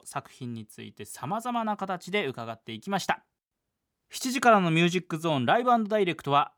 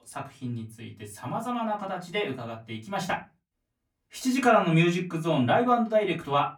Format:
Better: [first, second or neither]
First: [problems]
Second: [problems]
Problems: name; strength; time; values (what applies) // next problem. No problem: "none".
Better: first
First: none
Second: off-mic speech; far // room echo; very slight; dies away in 0.2 s